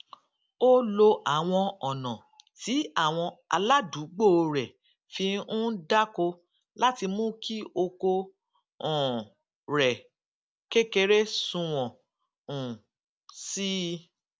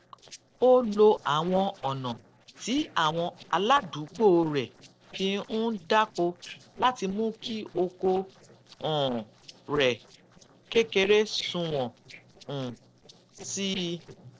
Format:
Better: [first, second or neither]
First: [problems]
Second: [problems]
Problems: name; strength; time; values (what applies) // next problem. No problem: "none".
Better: first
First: none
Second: noise reduction (neural separator model SepFormer DNS4)